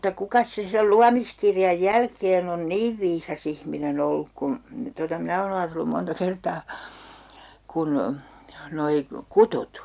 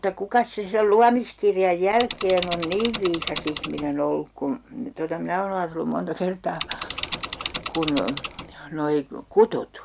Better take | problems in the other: first | background sound (Mechanisms / Bicycle); 9 dB below the speech

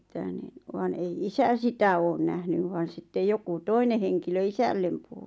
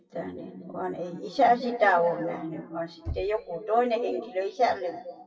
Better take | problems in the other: first | noise reduction (classical method WPE with log-MMSE)

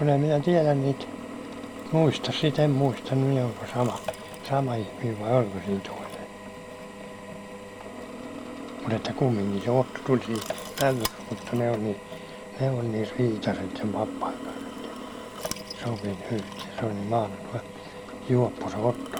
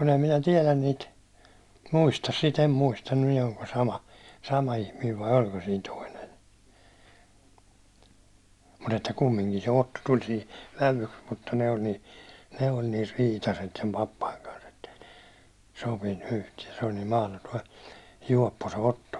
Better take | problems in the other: second | background sound (Drill); 10 dB below the speech

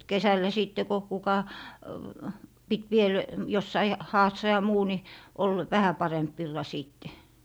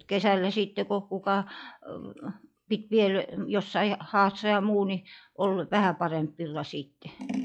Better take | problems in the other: first | noise reduction (classical method log-MMSE)

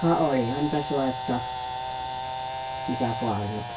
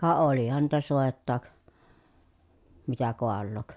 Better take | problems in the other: second | background sound (Camera); 5 dB below the speech // room echo; dies away in 0.2 s

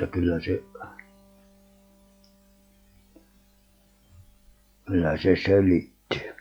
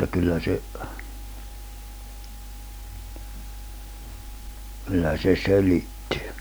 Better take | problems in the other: second | noise reduction (classical method log-MMSE)

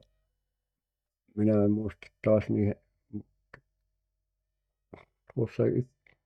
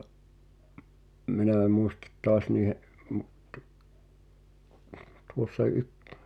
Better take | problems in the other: second | noise reduction (neural mask model DeepFilterNet 3)

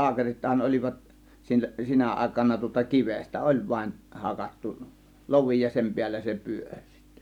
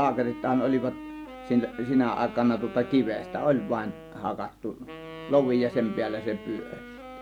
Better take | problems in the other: first | background sound (Wind instrument, woodwind instrument); 14 dB below the speech

